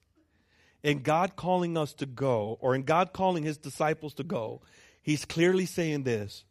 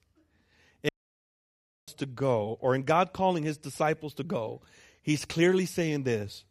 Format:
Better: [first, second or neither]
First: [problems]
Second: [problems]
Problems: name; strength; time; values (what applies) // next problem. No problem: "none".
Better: first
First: none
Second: audio cutting out; at 1 s for 1 s